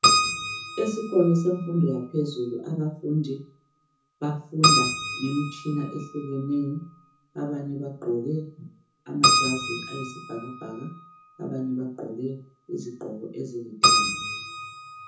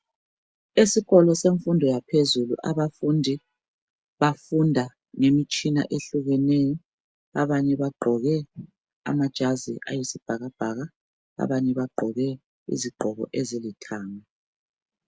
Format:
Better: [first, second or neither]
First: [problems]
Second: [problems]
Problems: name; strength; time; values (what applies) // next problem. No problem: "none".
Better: second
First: background sound (Keyboard (musical)); 1 dB above the speech // room echo; dies away in 0.5 s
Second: none